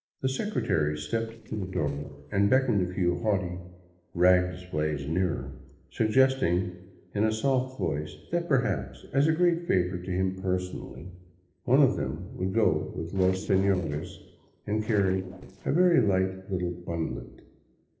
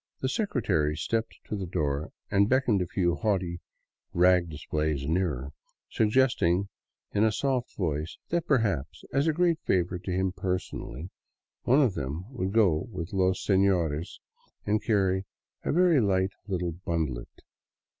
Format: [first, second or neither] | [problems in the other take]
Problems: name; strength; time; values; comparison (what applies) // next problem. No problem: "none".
second | noise reduction (neural separator model SepFormer DNS4)